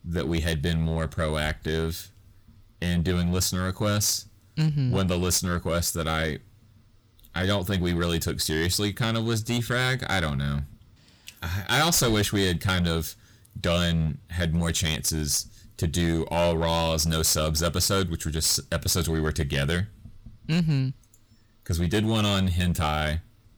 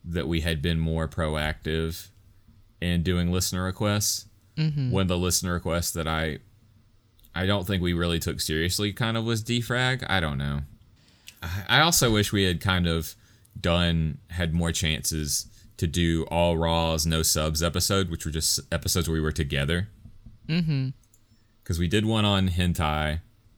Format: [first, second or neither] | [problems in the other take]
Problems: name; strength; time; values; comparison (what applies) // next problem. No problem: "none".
second | distortion; slight; 6% of the sound clipped